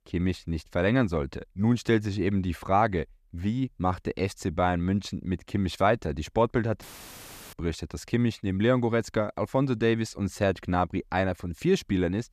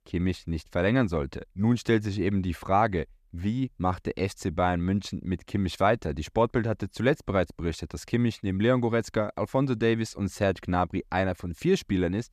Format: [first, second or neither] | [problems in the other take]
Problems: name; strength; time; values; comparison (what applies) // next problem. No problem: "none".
second | audio cutting out; filled with static; at 7 s for 0.5 s